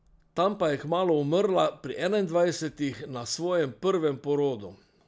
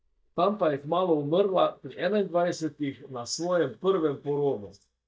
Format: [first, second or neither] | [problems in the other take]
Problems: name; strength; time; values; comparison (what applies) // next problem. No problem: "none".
first | noise reduction (neural mask model DeepFilterNet 3)